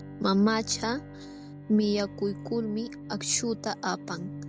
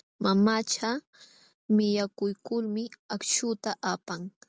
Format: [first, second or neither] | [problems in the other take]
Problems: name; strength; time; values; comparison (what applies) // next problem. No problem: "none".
second | background sound (Bowed string instrument); 13 dB below the speech